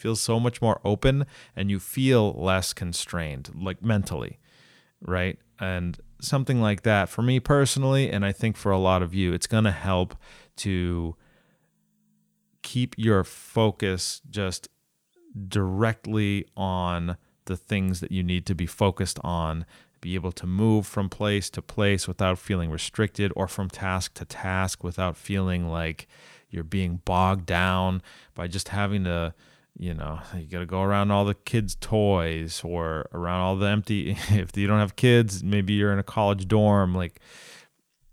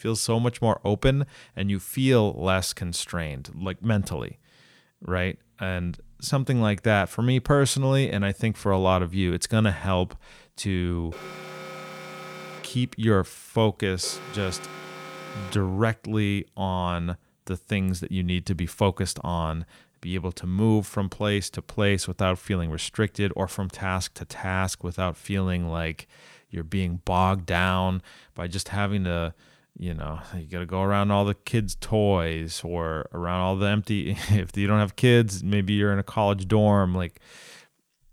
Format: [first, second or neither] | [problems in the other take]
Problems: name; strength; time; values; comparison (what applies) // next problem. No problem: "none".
first | alarm; faint; from 11 to 16 s; peak 10 dB below the speech